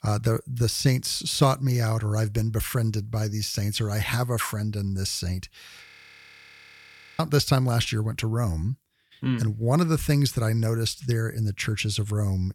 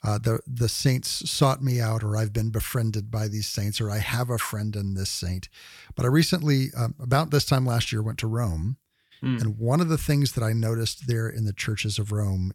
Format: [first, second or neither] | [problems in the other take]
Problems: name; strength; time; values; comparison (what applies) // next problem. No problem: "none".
second | audio freezing; at 6 s for 1.5 s